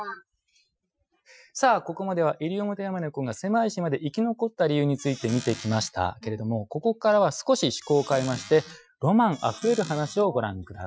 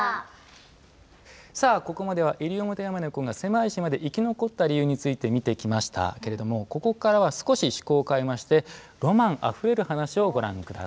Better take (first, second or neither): second